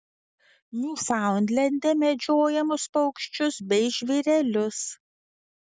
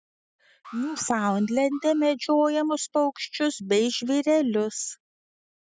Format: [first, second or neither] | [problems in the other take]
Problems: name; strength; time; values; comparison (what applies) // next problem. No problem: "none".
first | noise reduction (classical method spectral subtraction)